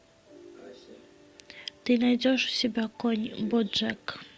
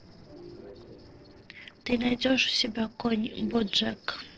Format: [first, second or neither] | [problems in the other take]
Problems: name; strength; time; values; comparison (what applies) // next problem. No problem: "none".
first | noise reduction (neural separator model SepFormer DNS4)